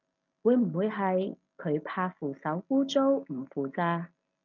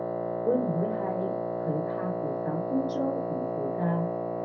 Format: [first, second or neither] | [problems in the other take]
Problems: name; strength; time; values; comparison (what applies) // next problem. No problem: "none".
first | background sound (Wind instrument, woodwind instrument); 1 dB above the speech // room echo; dies away in 0.3 s